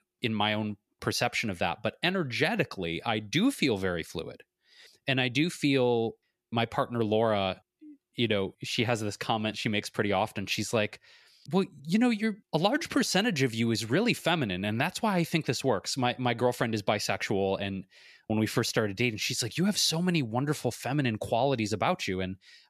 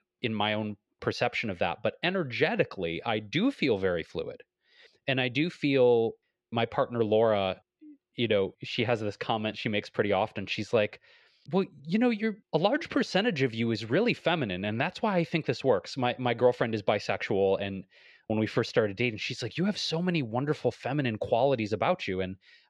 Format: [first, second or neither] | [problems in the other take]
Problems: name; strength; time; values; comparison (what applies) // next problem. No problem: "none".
first | muffled; slightly; fading above 3 kHz